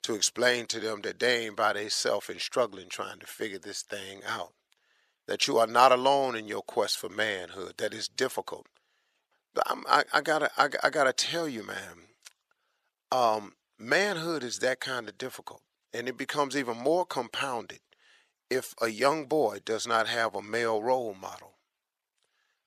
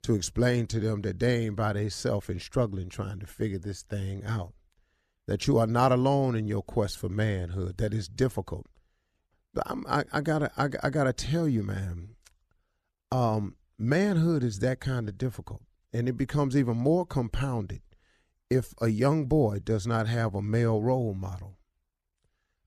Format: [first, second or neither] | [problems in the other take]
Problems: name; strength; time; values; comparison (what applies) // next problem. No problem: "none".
second | thin; very; fading below 650 Hz